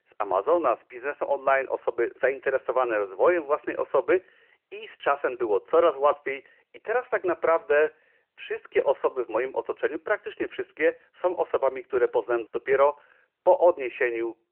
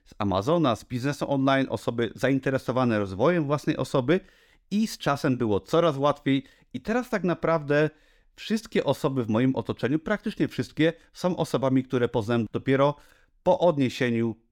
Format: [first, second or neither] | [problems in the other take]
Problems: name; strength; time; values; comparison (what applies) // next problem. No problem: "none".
second | phone-call audio; nothing above 3 kHz